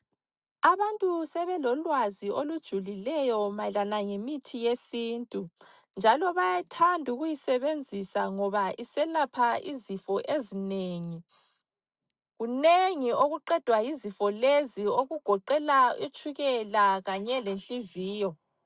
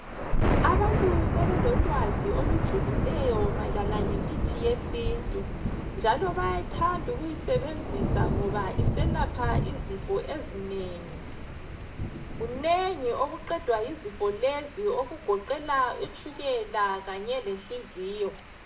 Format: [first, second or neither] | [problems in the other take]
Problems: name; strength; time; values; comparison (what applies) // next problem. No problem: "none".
first | background sound (Thunder / Rain); 1 dB above the speech // room echo; dies away in 0.4 s